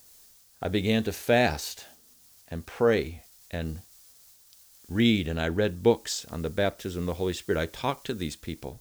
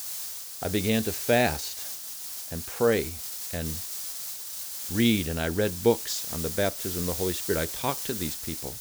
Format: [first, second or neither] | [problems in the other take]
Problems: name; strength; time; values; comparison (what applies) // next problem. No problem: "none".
first | hiss; loud; throughout; 5 dB below the speech; faint in the first